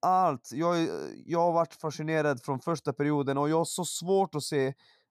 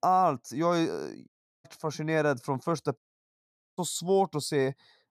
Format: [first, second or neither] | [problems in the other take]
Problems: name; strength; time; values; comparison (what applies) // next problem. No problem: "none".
first | audio cutting out; at 1.5 s and at 3 s for 1 s